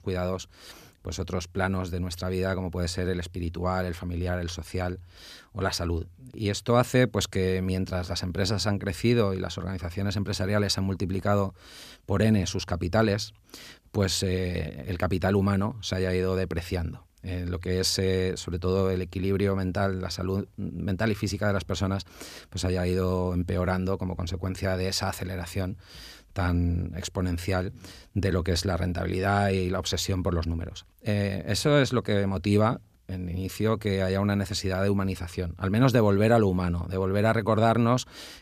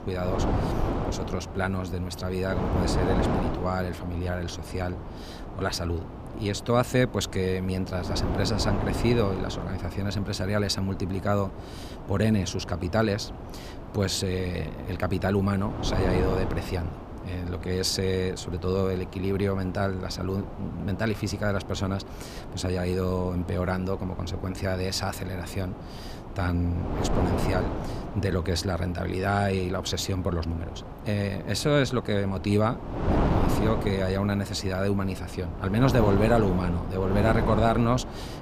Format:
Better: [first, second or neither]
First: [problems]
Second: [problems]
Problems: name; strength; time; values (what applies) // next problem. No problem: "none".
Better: first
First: none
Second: wind noise on the microphone; heavy; 6 dB below the speech